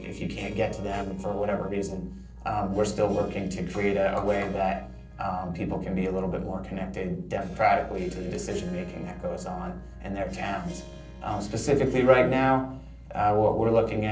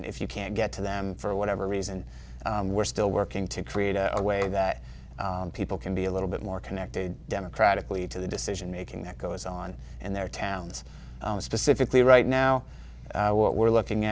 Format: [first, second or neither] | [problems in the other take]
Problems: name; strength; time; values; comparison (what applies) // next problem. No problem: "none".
second | noise reduction (neural separator model SepFormer DNS4)